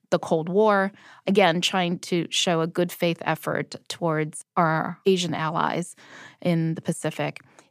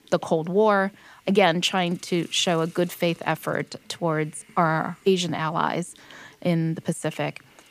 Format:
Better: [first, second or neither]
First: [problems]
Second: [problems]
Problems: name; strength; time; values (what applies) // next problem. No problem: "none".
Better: first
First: none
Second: hiss; faint; throughout; 30 dB below the speech